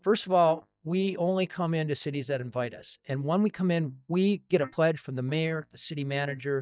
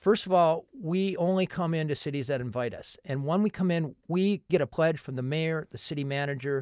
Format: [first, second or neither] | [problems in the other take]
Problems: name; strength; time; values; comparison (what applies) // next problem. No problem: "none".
second | noise reduction (neural mask model DeepFilterNet 3)